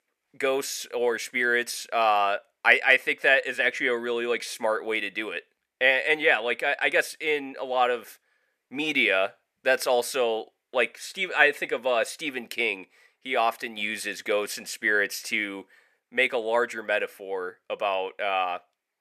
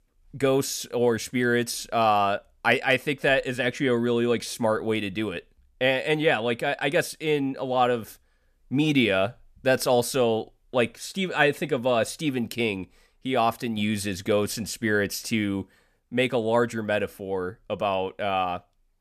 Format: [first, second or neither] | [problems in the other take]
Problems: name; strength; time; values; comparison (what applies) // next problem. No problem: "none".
second | thin; somewhat; fading below 450 Hz